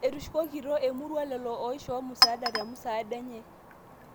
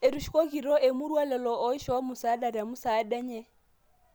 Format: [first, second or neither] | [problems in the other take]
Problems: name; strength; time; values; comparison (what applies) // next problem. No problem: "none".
second | background sound (Chink, clink); 1 dB below the speech